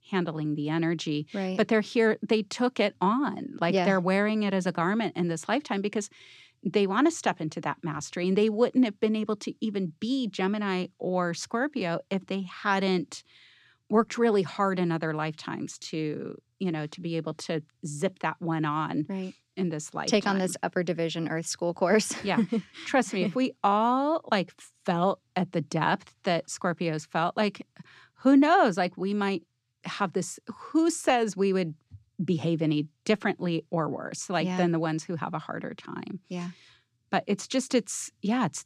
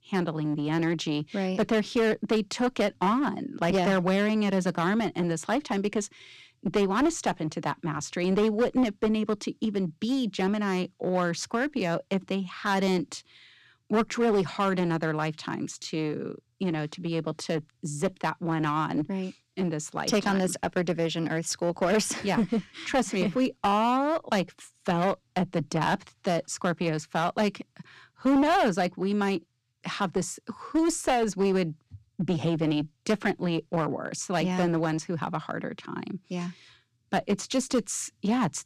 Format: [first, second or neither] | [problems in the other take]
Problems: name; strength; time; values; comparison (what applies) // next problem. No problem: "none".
first | distortion; slight; 8% of the sound clipped